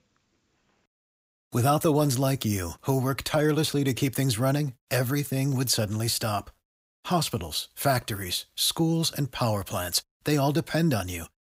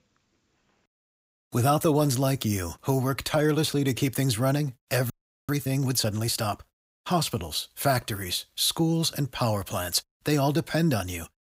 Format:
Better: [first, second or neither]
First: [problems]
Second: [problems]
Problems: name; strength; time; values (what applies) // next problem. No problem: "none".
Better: first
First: none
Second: audio freezing; at 5 s